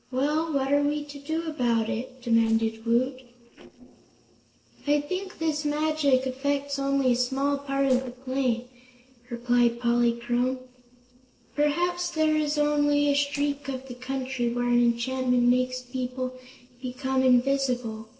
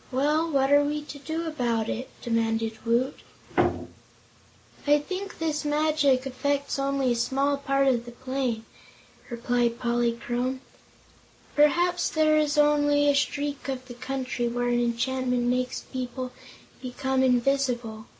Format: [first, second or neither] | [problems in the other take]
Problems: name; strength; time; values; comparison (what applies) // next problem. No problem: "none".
second | noise reduction (neural separator model SepFormer DNS4)